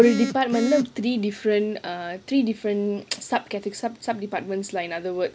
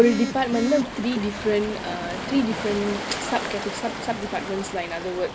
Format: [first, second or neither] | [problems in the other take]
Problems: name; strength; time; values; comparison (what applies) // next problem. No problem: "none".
first | background sound (Waves, surf); 8 dB below the speech